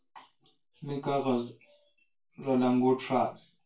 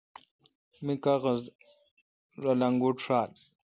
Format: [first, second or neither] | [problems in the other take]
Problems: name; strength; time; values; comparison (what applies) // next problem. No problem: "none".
second | room echo; dies away in 0.2 s